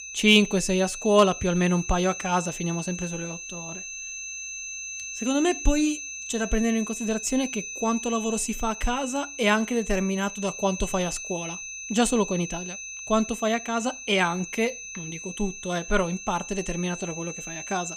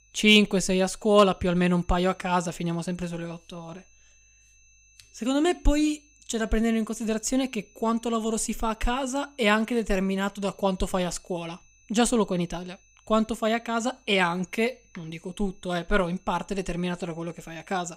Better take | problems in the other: second | high-pitched whine; loud; throughout; 6 kHz, 9 dB below the speech; faint in the second

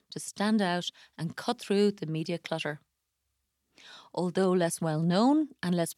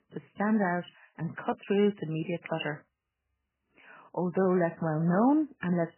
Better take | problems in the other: first | garbled, watery; badly; nothing above 3 kHz

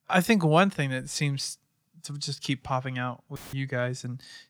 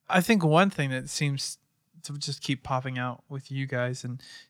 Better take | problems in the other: second | audio cutting out; filled with static; at 3.5 s

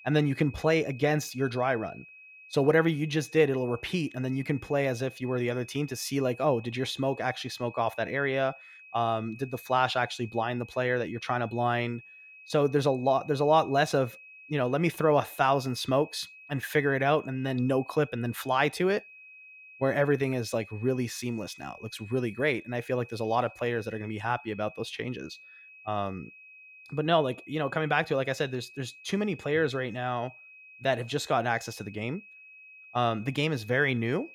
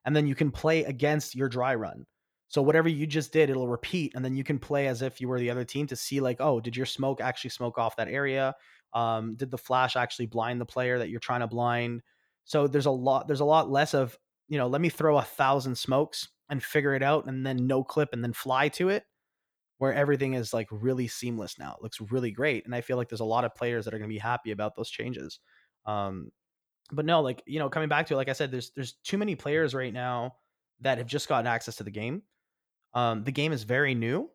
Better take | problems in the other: second | high-pitched whine; noticeable; throughout; 2.5 kHz, 20 dB below the speech

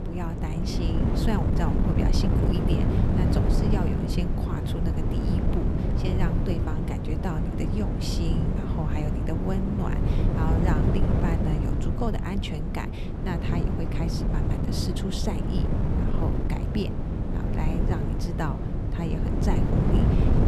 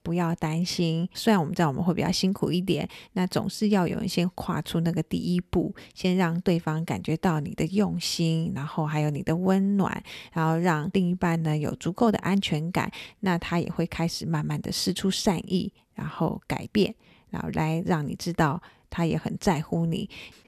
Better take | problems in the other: second | wind noise on the microphone; heavy; 2 dB above the speech

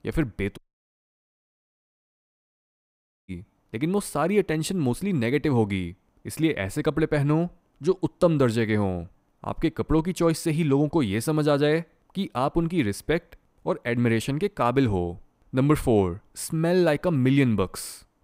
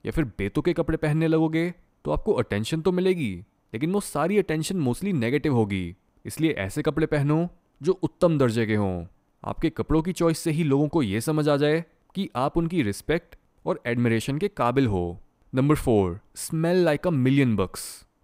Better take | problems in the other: second | audio cutting out; at 0.5 s for 2.5 s

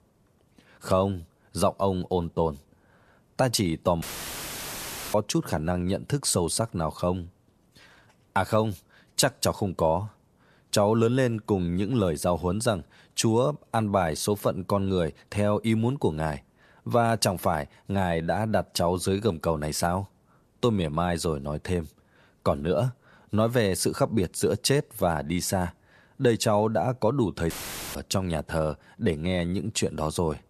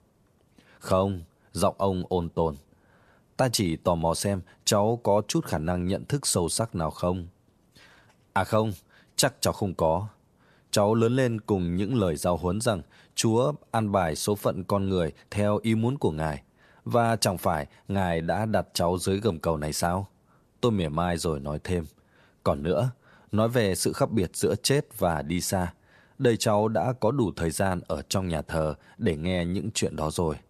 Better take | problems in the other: second | audio cutting out; filled with static; at 4 s for 1 s and at 28 s

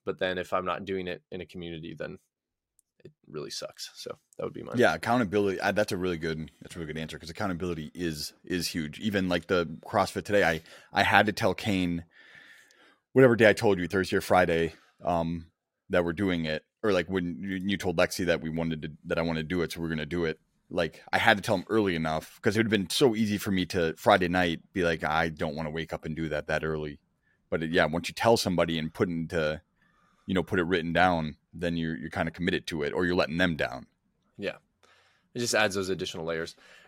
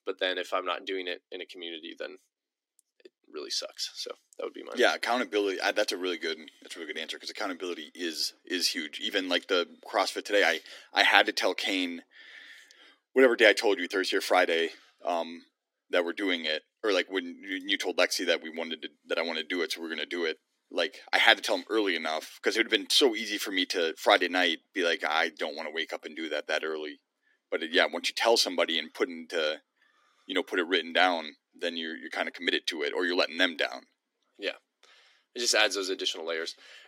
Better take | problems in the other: first | thin; very slightly; fading below 250 Hz

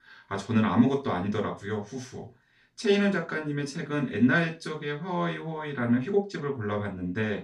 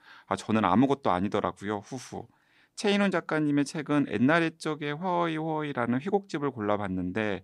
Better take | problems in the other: second | room echo; slight; dies away in 0.2 s // off-mic speech; far

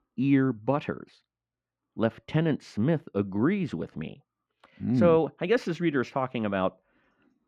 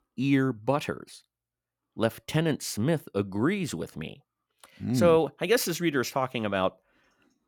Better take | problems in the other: second | muffled; slightly; fading above 2.5 kHz

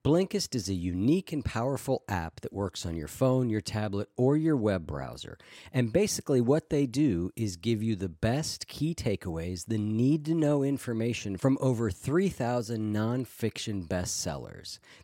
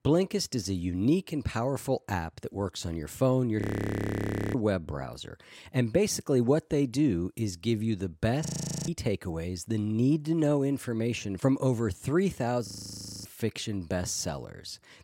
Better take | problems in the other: first | audio freezing; at 3.5 s for 1 s, at 8.5 s and at 13 s for 0.5 s

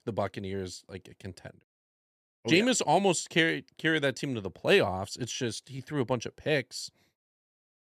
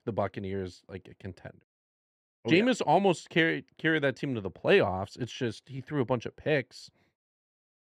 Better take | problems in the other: first | muffled; slightly; fading above 4 kHz

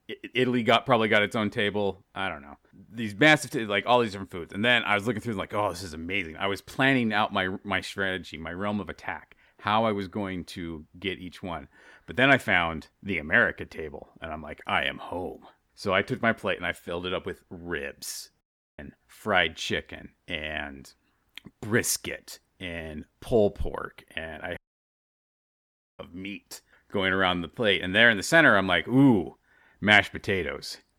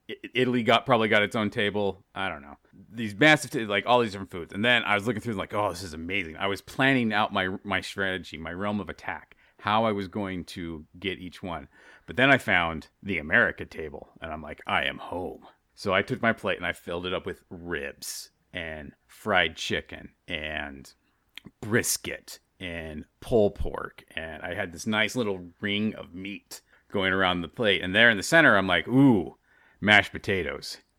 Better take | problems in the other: second | audio cutting out; at 18 s and at 25 s for 1.5 s

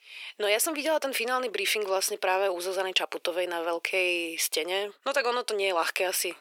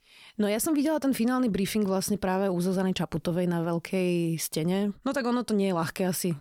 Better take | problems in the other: second | thin; very; fading below 400 Hz

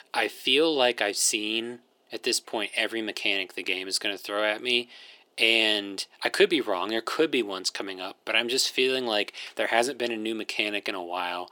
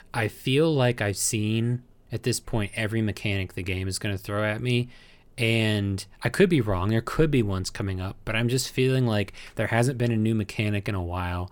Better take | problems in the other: second | thin; very; fading below 300 Hz

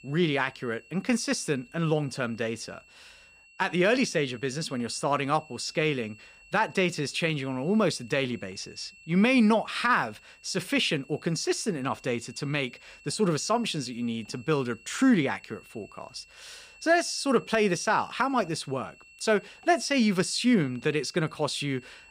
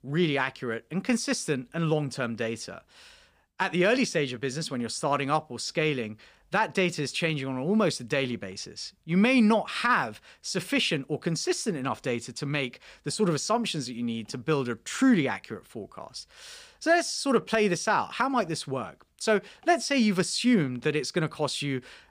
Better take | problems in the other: second | high-pitched whine; faint; throughout; 2.5 kHz, 25 dB below the speech

